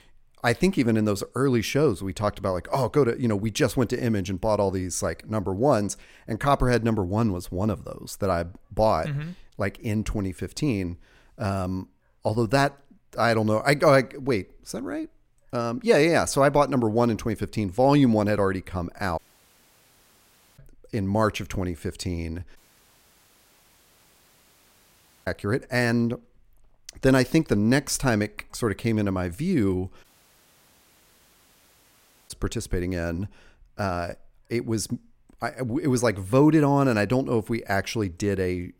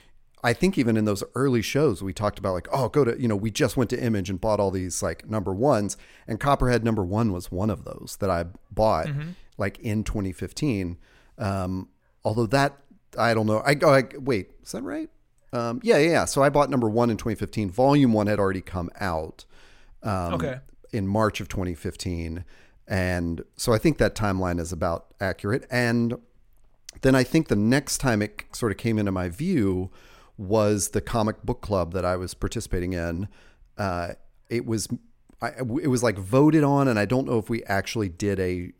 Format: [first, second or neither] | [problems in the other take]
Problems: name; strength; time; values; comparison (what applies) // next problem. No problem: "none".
second | audio cutting out; at 19 s for 1.5 s, at 23 s for 2.5 s and at 30 s for 2.5 s